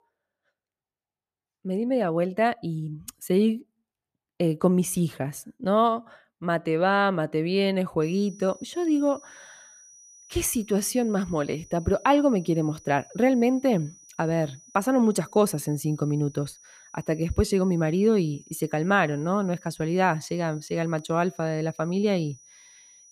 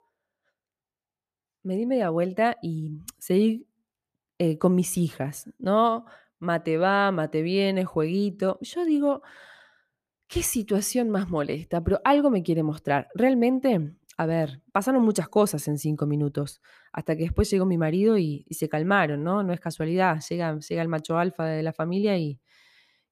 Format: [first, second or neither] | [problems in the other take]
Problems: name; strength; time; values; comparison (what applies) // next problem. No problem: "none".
second | high-pitched whine; faint; from 8 s on; 6 kHz, 25 dB below the speech